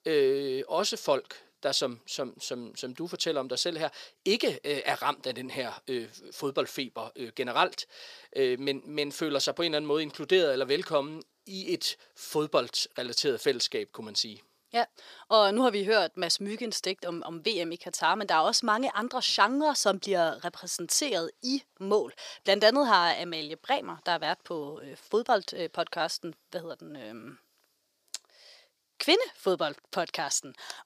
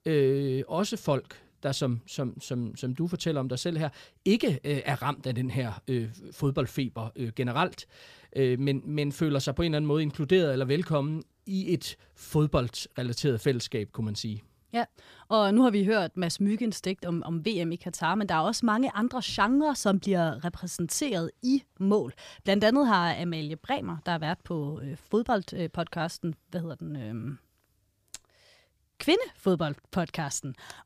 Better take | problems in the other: second | thin; somewhat; fading below 450 Hz

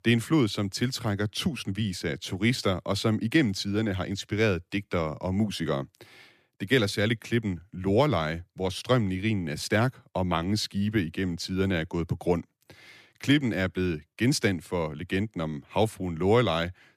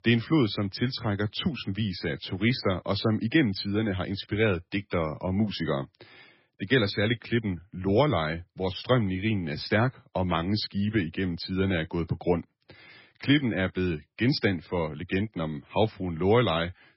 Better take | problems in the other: first | garbled, watery; badly; nothing above 5.5 kHz

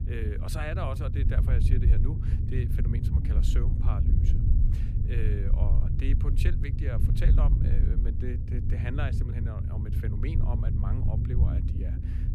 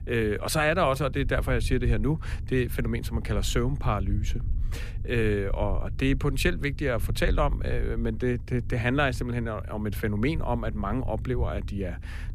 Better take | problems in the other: second | low rumble; loud; throughout; 1 dB below the speech; faint in the second

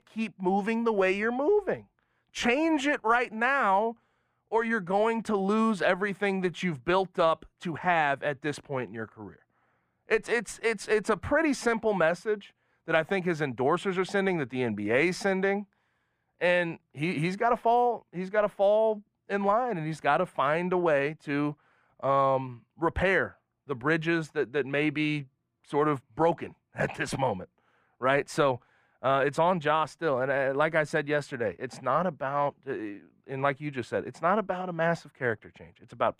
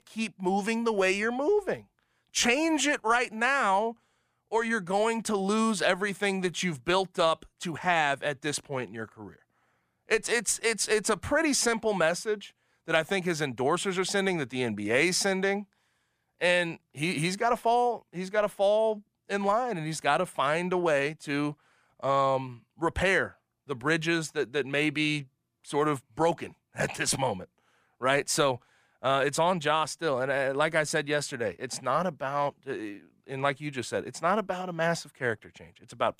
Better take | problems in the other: second | muffled; slightly; fading above 3.5 kHz

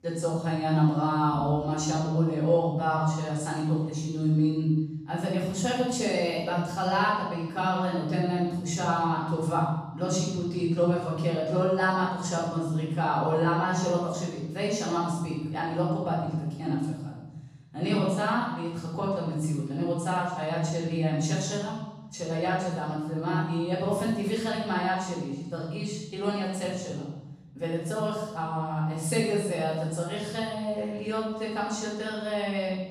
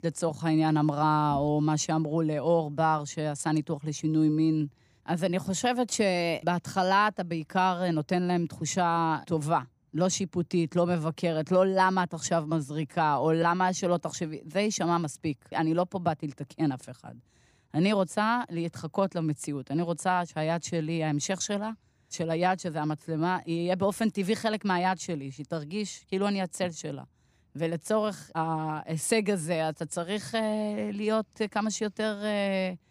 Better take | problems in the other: second | off-mic speech; far // room echo; noticeable; dies away in 1.2 s

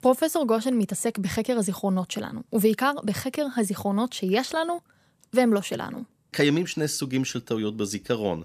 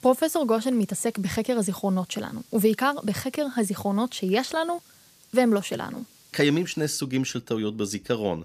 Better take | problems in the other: first | hiss; faint; until 7 s; 25 dB below the speech

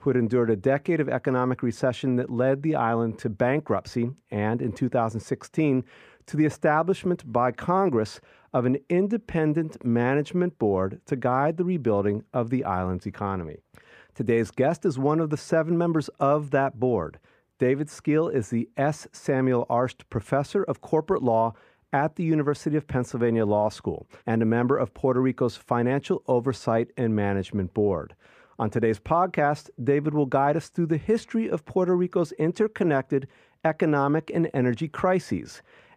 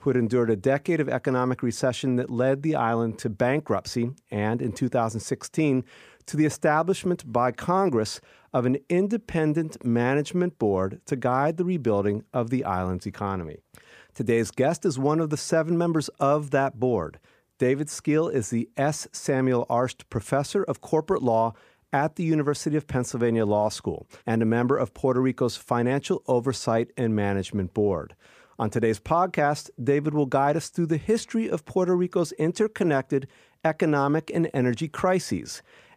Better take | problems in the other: second | muffled; slightly; fading above 3.5 kHz

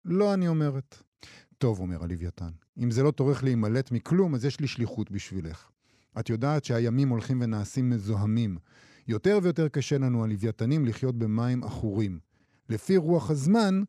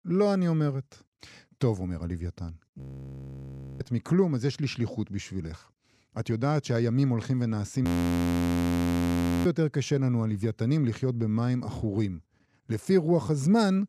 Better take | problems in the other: first | audio freezing; at 3 s for 1 s and at 8 s for 1.5 s

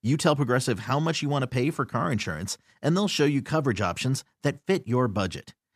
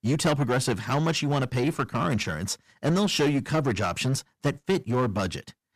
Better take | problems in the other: first | distortion; slight; 9% of the sound clipped

